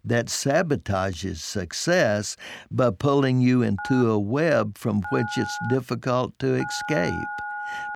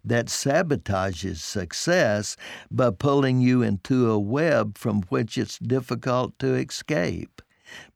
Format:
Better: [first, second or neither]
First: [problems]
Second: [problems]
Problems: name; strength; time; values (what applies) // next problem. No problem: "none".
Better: second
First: phone ringing; noticeable; from 4 s on; peak 7 dB below the speech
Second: none